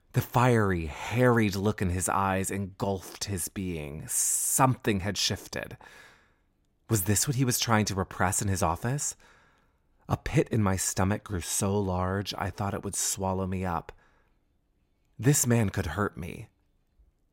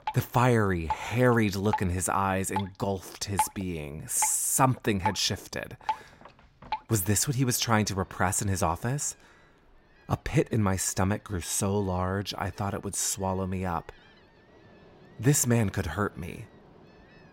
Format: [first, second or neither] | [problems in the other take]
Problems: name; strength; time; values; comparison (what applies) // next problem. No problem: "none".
first | rain or running water; loud; throughout; 8 dB below the speech